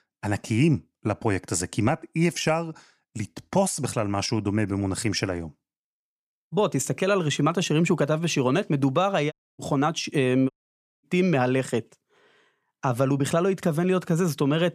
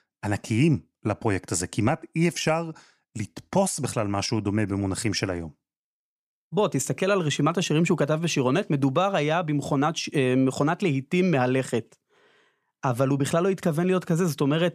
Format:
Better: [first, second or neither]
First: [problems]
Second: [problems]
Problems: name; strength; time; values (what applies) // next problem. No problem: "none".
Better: second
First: audio cutting out; at 9.5 s and at 11 s for 0.5 s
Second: none